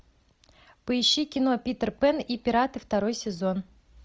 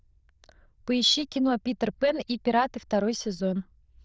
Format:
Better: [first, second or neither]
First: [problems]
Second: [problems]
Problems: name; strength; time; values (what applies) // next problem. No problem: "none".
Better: first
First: none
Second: noise reduction (neural diffusion model UNIVERSE++)